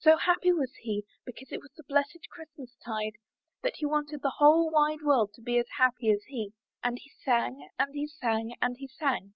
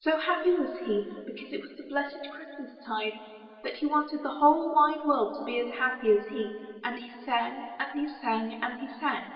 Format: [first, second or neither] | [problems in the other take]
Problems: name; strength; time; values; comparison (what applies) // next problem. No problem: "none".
first | room echo; dies away in 2.4 s